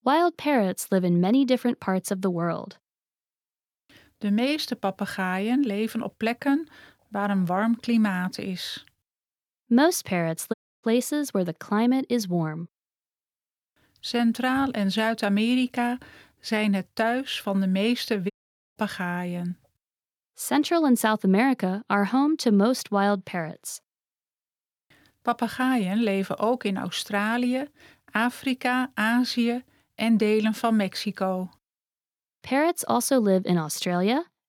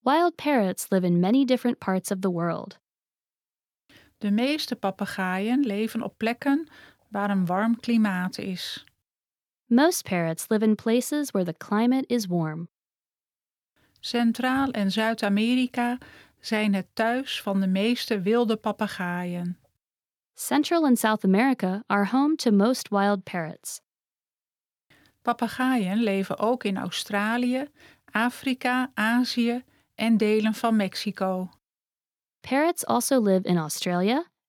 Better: second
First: audio cutting out; at 11 s and at 18 s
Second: none

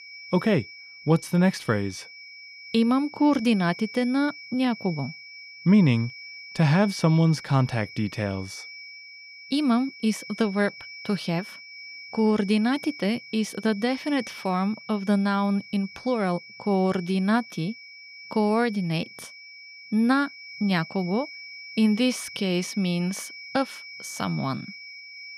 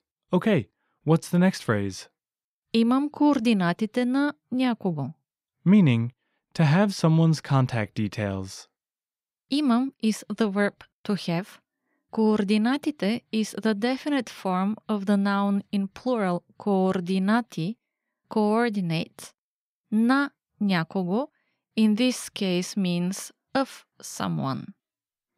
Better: second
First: high-pitched whine; noticeable; throughout; 2.5 kHz, 15 dB below the speech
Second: none

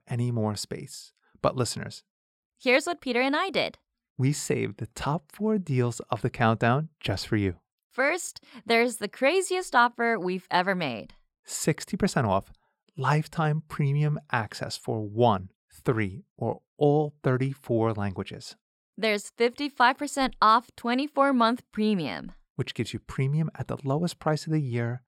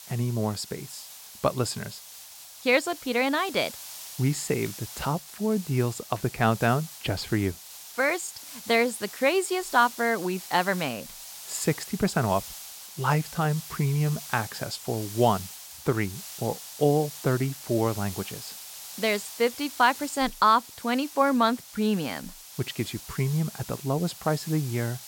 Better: first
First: none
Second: hiss; noticeable; throughout; 15 dB below the speech

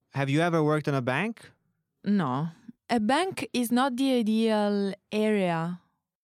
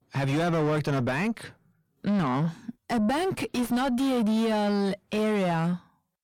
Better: first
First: none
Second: distortion; heavy; 7 dB below the speech

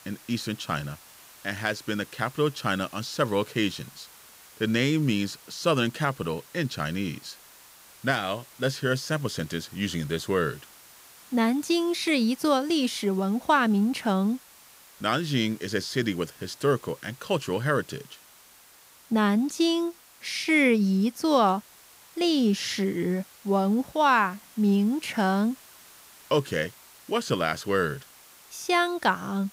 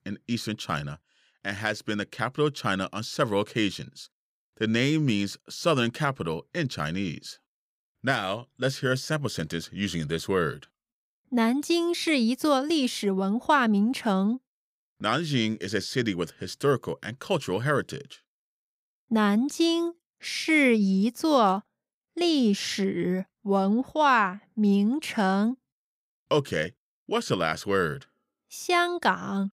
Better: second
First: hiss; faint; throughout; 25 dB below the speech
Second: none

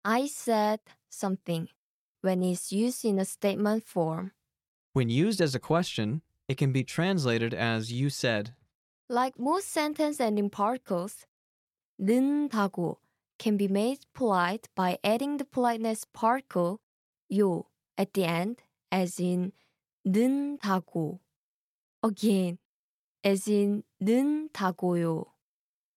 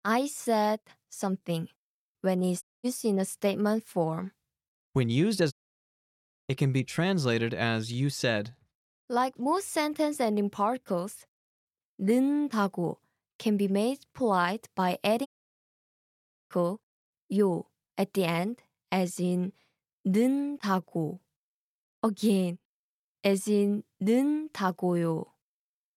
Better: first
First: none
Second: audio cutting out; at 2.5 s, at 5.5 s for 1 s and at 15 s for 1 s

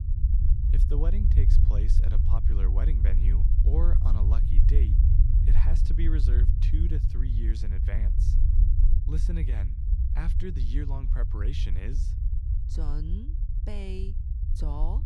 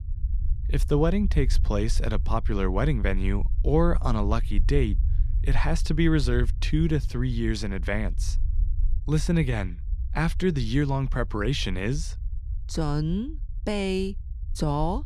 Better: second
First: low rumble; loud; throughout; 1 dB below the speech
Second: low rumble; faint; throughout; 20 dB below the speech

